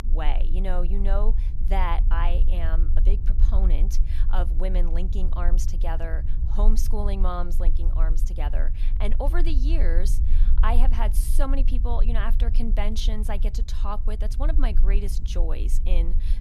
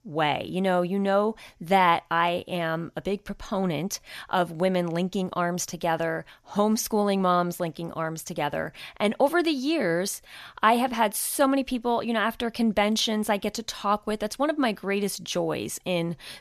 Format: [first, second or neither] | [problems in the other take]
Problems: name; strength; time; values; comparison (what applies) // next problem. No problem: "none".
second | low rumble; noticeable; throughout; 15 dB below the speech